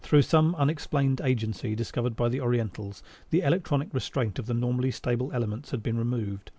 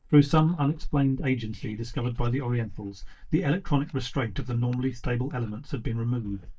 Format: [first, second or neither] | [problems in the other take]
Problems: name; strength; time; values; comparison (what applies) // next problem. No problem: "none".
first | noise reduction (neural mask model DeepFilterNet 3)